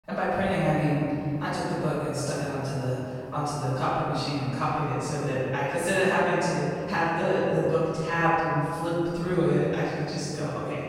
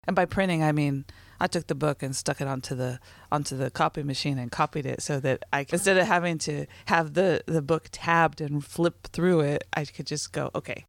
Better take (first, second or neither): second